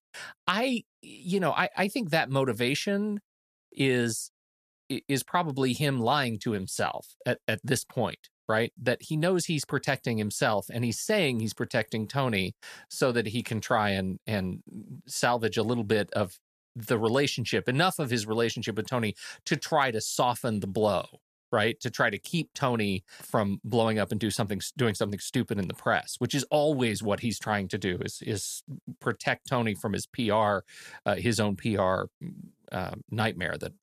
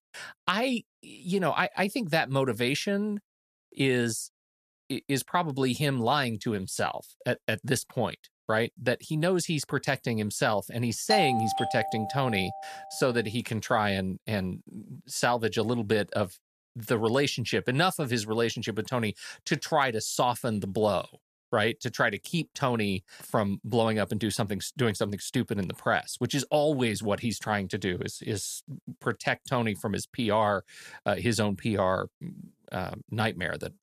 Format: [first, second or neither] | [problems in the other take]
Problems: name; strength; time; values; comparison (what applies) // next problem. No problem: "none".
first | doorbell; loud; from 11 to 13 s; peak 2 dB above the speech